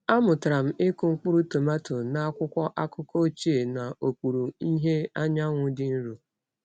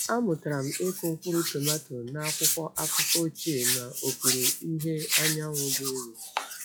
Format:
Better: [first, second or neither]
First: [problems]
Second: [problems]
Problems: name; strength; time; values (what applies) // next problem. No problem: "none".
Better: first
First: none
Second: noise reduction (classical method log-MMSE)